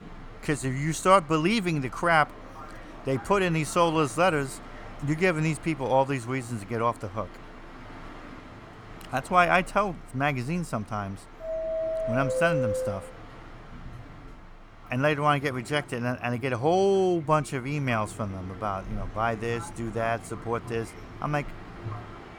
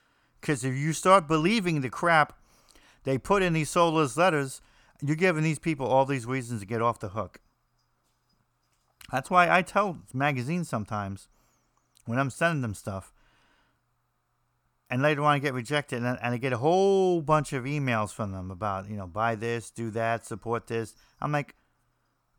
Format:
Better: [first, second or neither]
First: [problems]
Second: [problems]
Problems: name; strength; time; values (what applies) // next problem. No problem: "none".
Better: second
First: train or aircraft noise; noticeable; throughout; 10 dB below the speech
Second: none